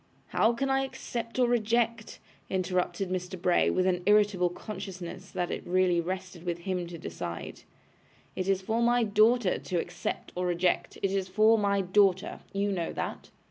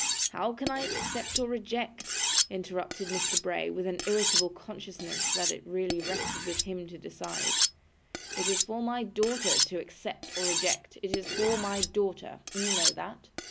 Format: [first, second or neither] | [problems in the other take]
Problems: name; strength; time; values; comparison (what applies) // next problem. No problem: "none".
first | background sound (Cutlery, silverware); 2 dB above the speech